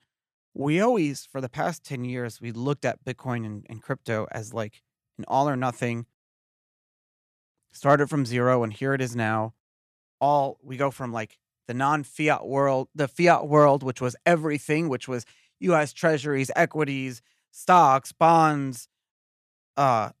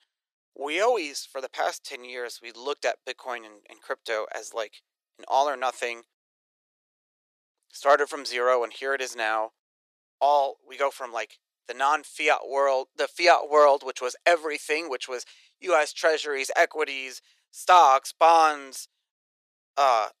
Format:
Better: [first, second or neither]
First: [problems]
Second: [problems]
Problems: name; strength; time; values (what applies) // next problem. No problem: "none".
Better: first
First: none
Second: thin; very; fading below 400 Hz